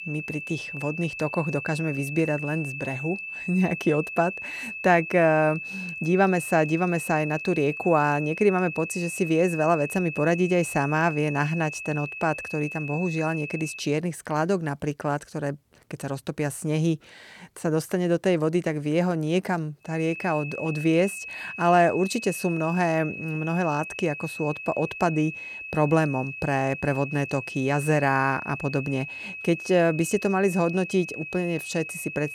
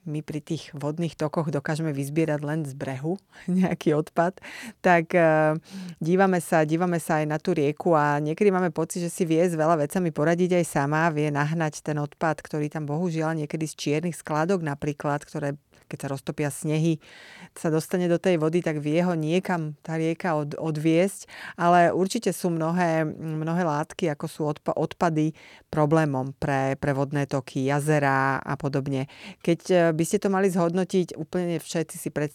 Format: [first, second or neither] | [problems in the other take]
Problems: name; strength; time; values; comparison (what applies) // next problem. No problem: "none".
second | high-pitched whine; loud; until 14 s and from 20 s on; 2.5 kHz, 9 dB below the speech